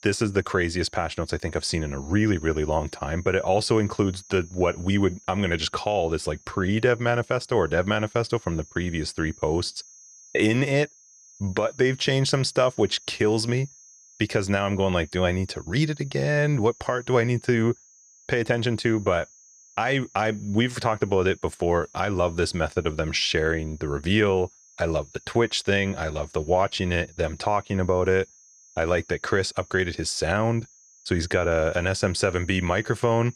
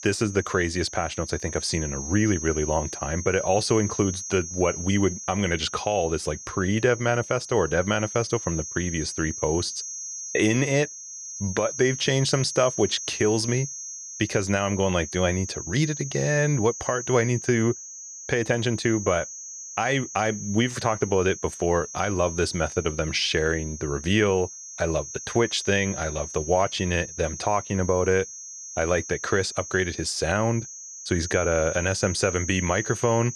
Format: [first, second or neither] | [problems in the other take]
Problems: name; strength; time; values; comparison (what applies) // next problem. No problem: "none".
first | high-pitched whine; loud; throughout; 6.5 kHz, 9 dB below the speech; faint in the first